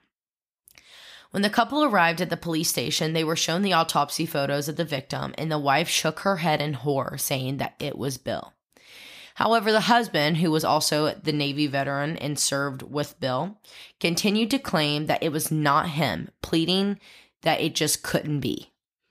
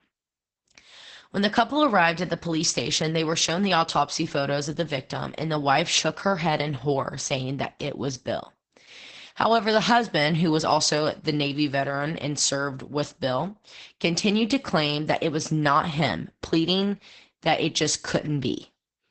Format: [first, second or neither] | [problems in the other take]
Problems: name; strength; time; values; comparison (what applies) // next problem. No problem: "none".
first | garbled, watery; badly; nothing above 8 kHz